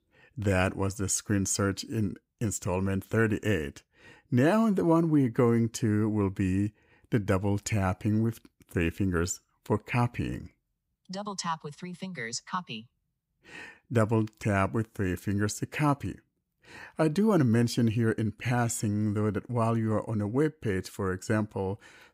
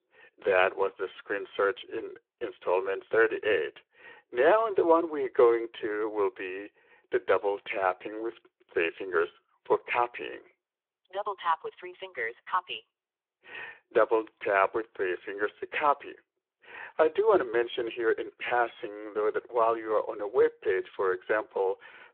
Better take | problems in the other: first | phone-call audio

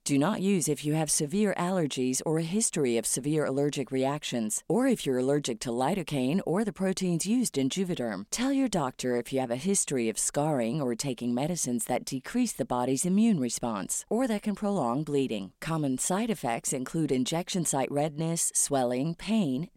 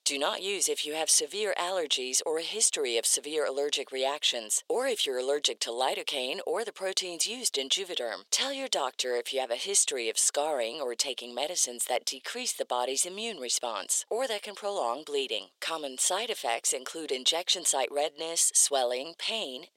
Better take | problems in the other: first | thin; very; fading below 450 Hz

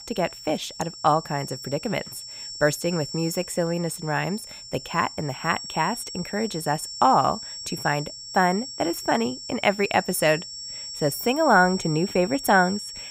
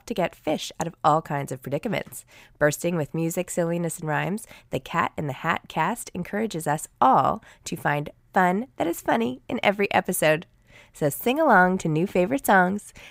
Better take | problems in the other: second | high-pitched whine; noticeable; throughout; 5.5 kHz, 10 dB below the speech

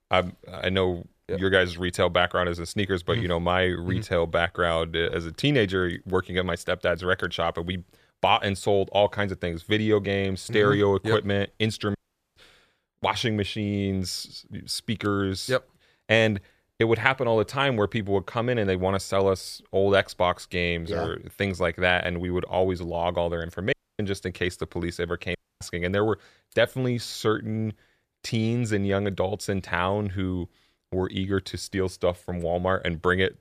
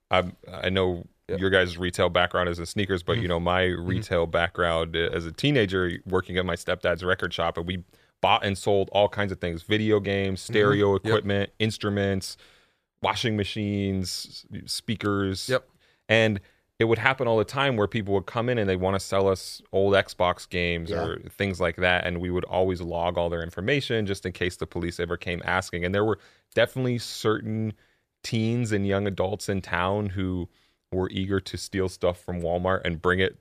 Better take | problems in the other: second | audio cutting out; at 12 s, at 24 s and at 25 s

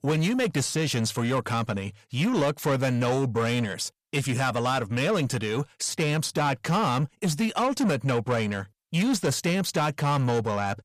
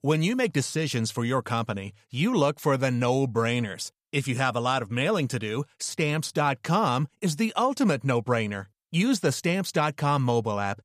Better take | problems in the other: second | distortion; slight; 10 dB below the speech

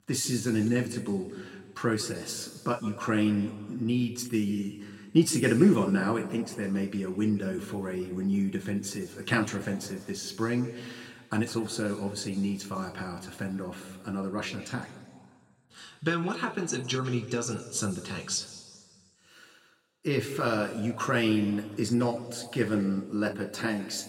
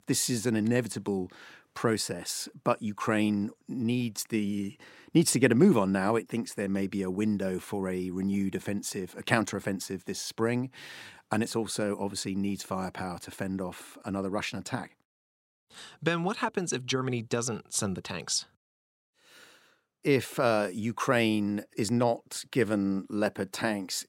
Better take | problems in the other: second | room echo; slight; dies away in 1.5 s

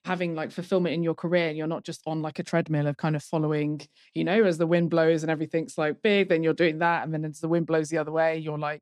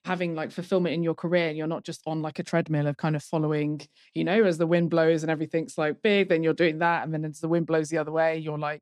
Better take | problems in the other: neither | none

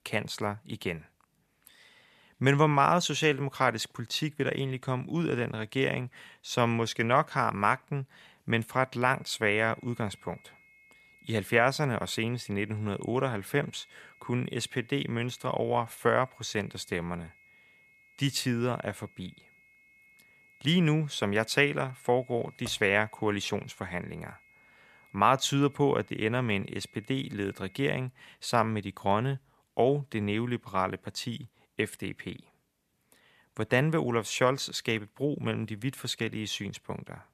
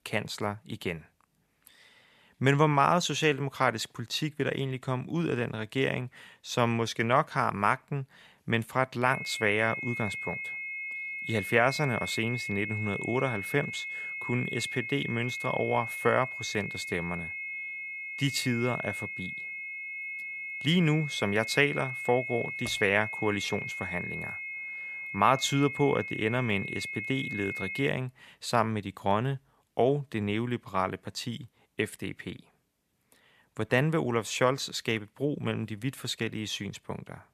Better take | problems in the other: first | high-pitched whine; loud; from 9 to 28 s; 2 kHz, 6 dB below the speech; faint in the first

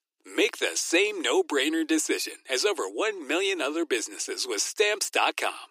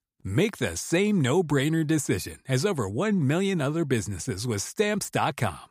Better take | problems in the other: second | thin; very; fading below 300 Hz

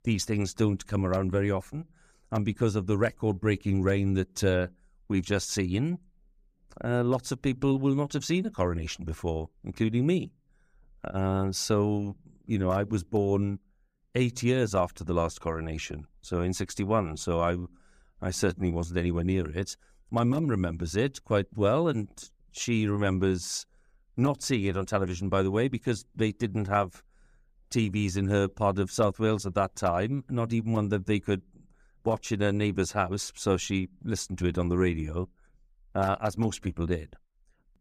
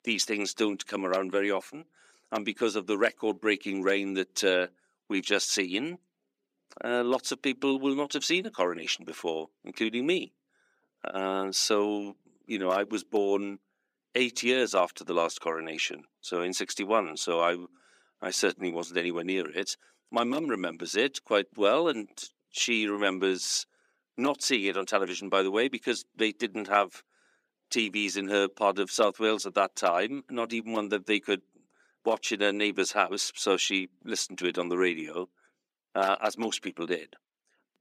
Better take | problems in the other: first | thin; somewhat; fading below 250 Hz

